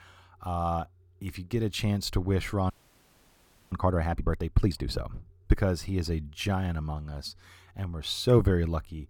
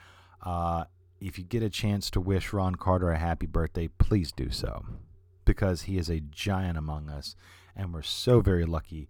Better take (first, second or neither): second